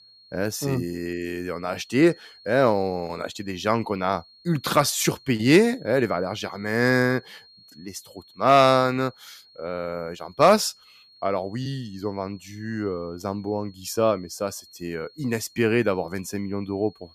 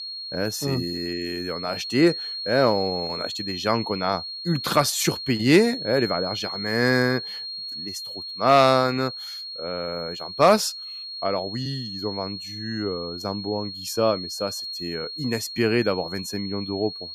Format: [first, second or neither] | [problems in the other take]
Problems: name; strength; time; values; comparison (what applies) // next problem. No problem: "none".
first | high-pitched whine; loud; throughout; 4.5 kHz, 7 dB below the speech; faint in the first